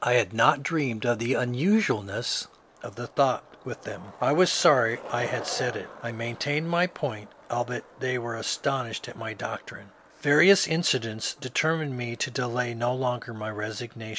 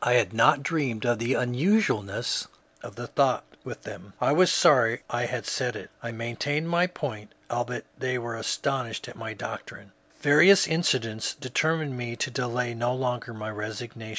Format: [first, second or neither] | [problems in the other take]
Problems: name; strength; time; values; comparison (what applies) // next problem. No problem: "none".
second | background sound (Skateboard); 20 dB below the speech